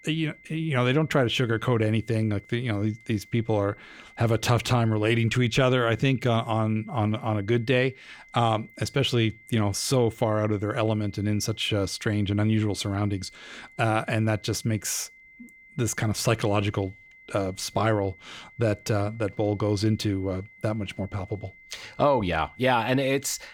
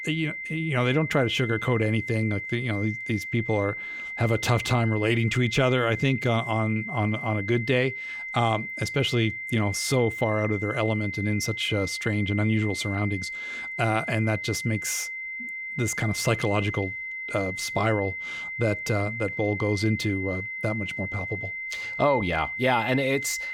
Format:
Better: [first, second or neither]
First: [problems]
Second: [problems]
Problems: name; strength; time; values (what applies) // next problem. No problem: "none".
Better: first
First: high-pitched whine; faint; throughout; 2 kHz, 25 dB below the speech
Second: high-pitched whine; loud; throughout; 2 kHz, 6 dB below the speech